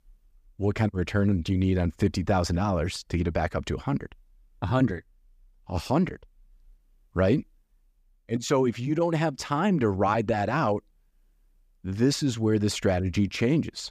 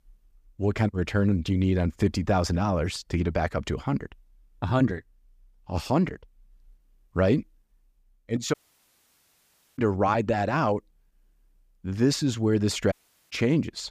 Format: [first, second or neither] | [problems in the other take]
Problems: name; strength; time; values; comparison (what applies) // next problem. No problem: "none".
first | audio cutting out; at 8.5 s for 1 s and at 13 s